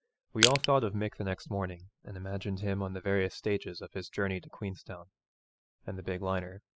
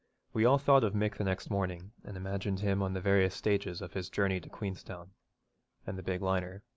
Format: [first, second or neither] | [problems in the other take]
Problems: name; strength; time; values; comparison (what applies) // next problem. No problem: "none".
second | noise reduction (classical method spectral subtraction)